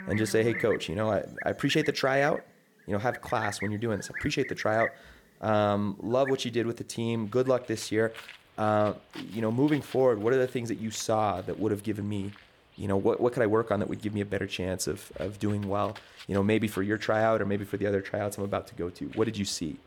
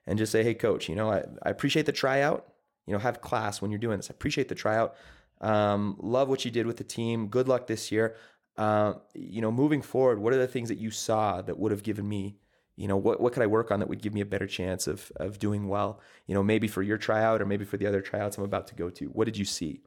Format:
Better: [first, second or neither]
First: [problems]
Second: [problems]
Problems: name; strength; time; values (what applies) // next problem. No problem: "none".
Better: second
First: animal sounds; noticeable; throughout; 15 dB below the speech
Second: none